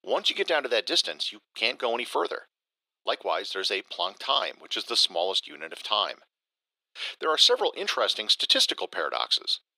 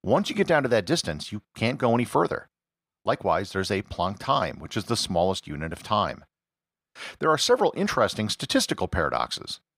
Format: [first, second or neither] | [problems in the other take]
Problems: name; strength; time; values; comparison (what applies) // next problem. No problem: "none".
second | thin; very; fading below 400 Hz